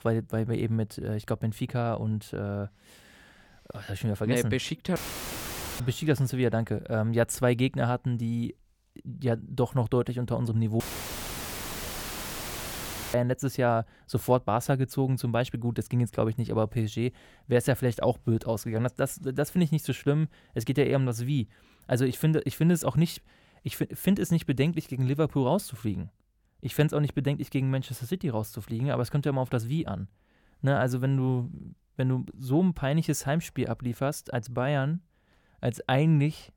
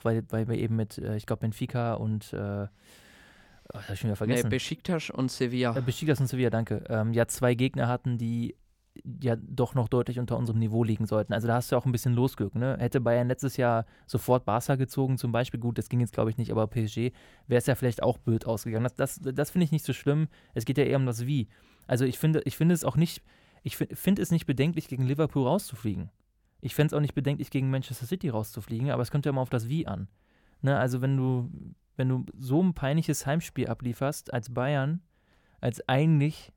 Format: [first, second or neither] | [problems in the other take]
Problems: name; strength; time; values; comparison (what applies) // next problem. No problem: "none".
second | audio cutting out; filled with static; at 5 s for 1 s and at 11 s for 2.5 s